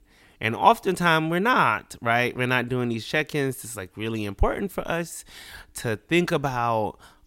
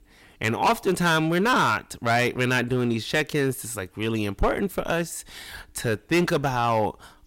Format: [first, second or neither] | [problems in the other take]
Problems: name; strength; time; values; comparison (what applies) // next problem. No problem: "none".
first | distortion; heavy; 6% of the sound clipped